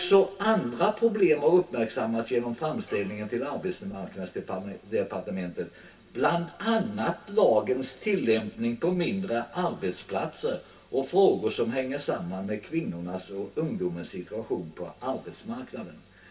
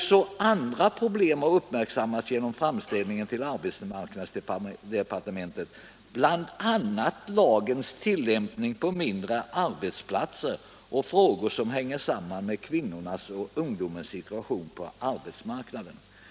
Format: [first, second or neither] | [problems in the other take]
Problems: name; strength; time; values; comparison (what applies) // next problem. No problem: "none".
second | room echo; dies away in 0.2 s